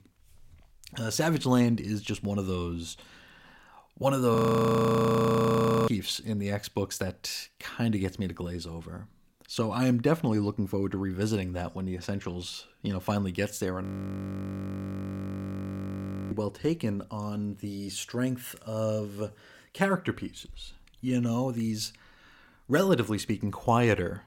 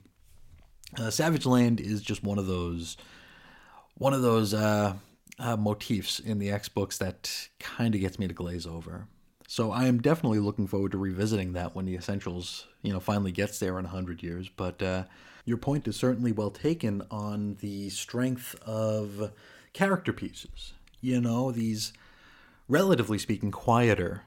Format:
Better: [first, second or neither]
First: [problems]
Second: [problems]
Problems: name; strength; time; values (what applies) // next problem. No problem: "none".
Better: second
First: audio freezing; at 4.5 s for 1.5 s and at 14 s for 2.5 s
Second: none